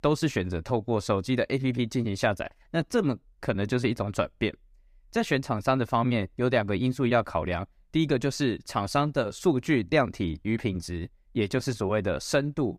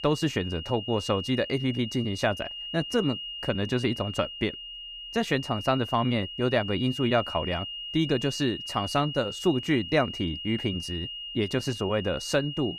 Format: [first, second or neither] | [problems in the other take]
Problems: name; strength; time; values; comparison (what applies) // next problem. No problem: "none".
first | high-pitched whine; loud; throughout; 3 kHz, 8 dB below the speech